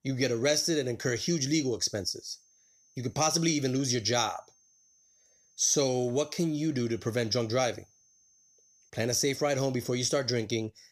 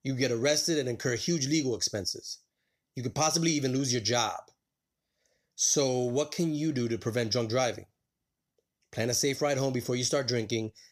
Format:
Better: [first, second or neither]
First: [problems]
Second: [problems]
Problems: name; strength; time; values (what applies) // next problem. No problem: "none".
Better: second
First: high-pitched whine; faint; from 2 to 9 s; 6.5 kHz, 35 dB below the speech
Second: none